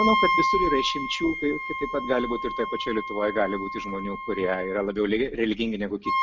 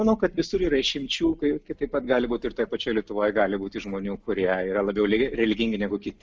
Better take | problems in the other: second | background sound (Wind instrument, woodwind instrument); 2 dB below the speech

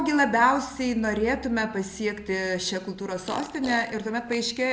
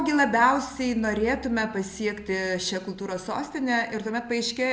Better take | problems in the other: second | background sound (Fart); 15 dB below the speech

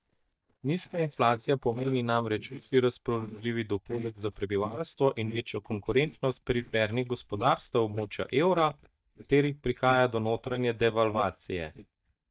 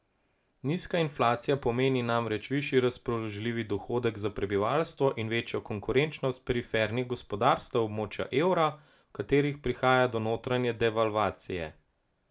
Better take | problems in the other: second | noise reduction (neural mask model DeepFilterNet 3)

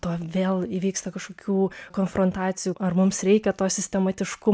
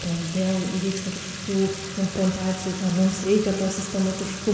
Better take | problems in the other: first | background sound (Fill (with liquid) / Trickle, dribble / Sink (filling or washing)); 10 dB below the speech // room echo; dies away in 2 s

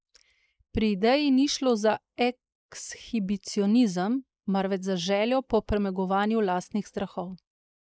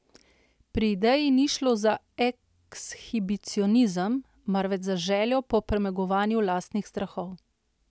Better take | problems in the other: second | noise reduction (neural mask model Resemble Enhance denoiser)

